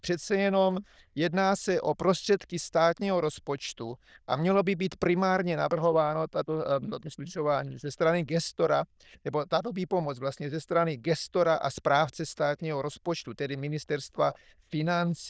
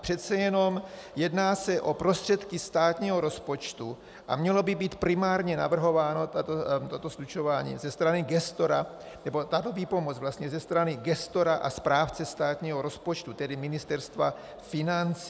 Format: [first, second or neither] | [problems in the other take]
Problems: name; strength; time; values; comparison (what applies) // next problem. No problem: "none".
second | noise reduction (neural diffusion model UNIVERSE++)